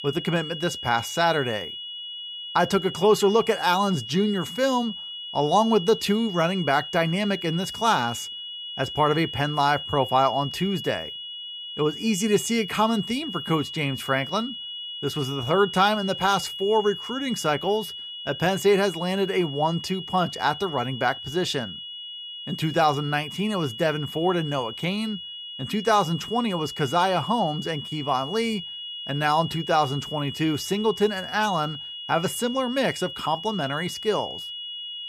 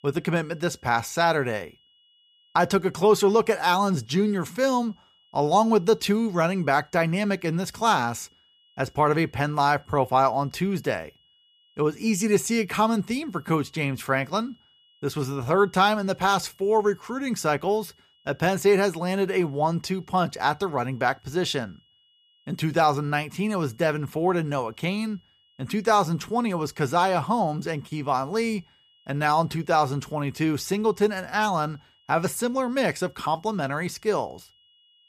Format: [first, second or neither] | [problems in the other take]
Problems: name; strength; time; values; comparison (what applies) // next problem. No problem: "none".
second | high-pitched whine; loud; throughout; 3 kHz, 9 dB below the speech; faint in the second